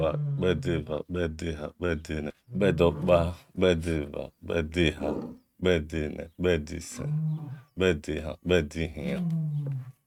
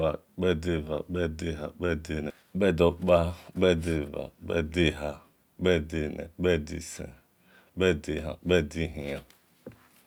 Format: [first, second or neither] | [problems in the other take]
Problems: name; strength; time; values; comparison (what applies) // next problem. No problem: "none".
second | noise reduction (neural mask model RNNoise)